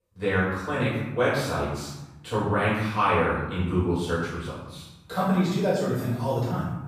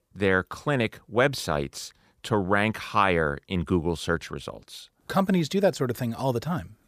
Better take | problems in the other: second | room echo; strong; dies away in 0.9 s // off-mic speech; far

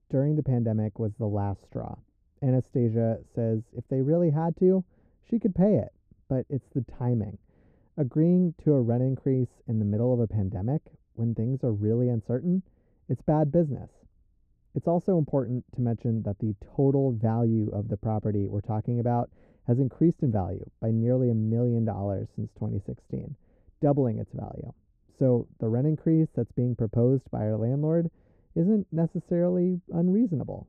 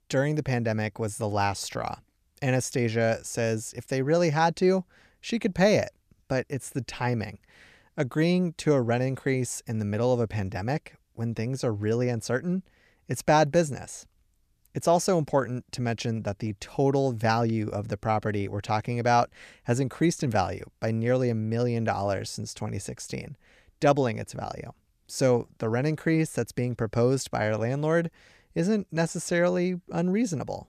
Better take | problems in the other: second | muffled; very; fading above 1 kHz

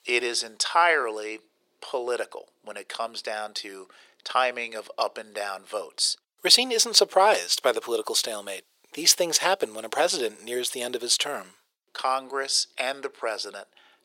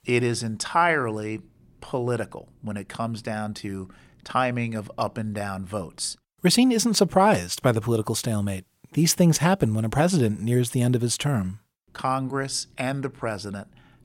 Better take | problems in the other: second | thin; very; fading below 450 Hz

